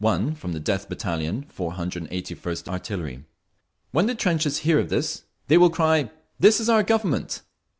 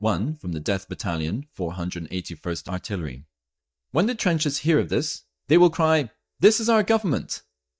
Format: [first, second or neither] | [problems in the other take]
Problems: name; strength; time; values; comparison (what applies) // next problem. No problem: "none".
first | noise reduction (neural mask model DeepFilterNet 3)